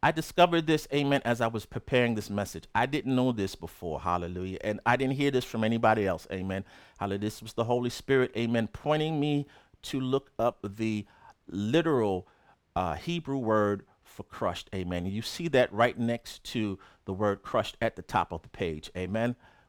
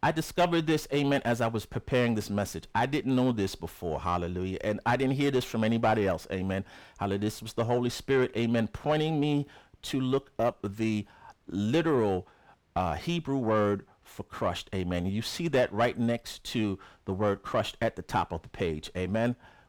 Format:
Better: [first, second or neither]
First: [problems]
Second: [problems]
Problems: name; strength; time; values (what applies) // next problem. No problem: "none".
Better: first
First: none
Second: distortion; slight; 10 dB below the speech